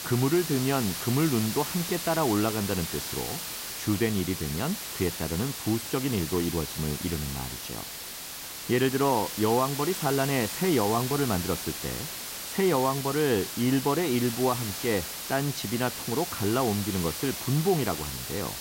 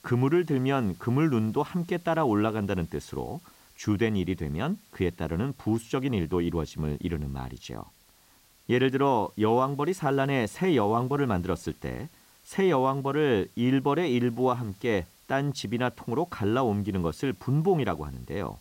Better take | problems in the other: second | hiss; loud; throughout; 5 dB below the speech; faint in the second

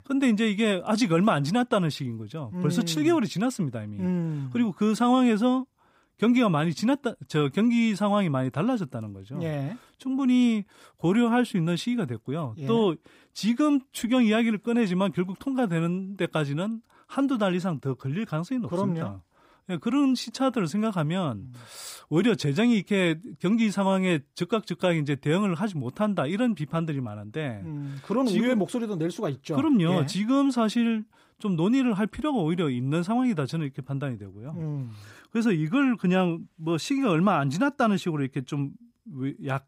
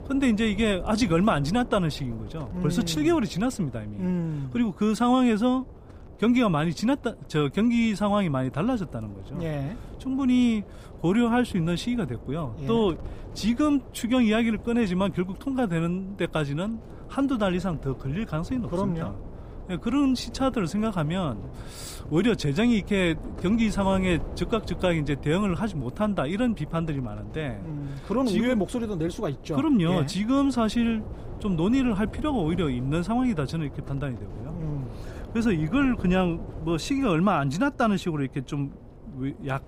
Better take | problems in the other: first | wind noise on the microphone; occasional gusts; 20 dB below the speech

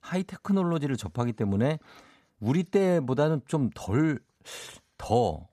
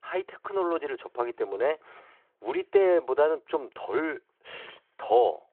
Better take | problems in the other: first | phone-call audio

